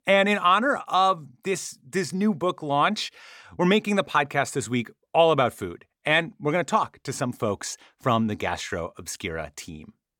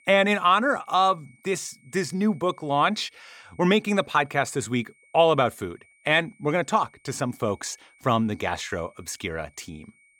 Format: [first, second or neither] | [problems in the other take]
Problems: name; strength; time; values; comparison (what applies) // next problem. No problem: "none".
first | high-pitched whine; faint; throughout; 2 kHz, 35 dB below the speech